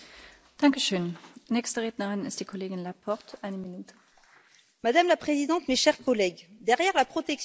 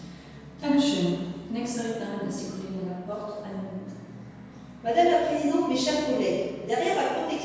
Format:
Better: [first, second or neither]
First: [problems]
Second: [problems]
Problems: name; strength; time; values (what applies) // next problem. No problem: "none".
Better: first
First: none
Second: background sound (Musical instrument); 16 dB below the speech // room echo; dies away in 1.2 s